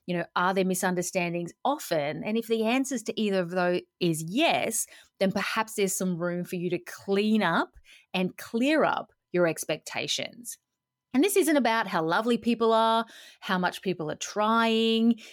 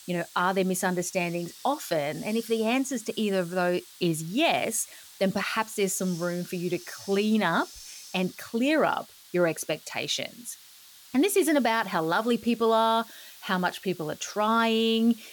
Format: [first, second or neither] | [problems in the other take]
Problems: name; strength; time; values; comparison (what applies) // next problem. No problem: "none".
first | hiss; noticeable; throughout; 20 dB below the speech